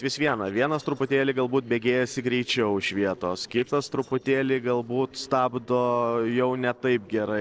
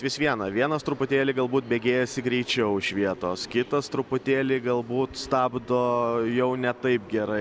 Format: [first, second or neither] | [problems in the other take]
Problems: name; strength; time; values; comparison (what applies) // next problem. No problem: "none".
second | noise reduction (neural separator model SepFormer DNS4)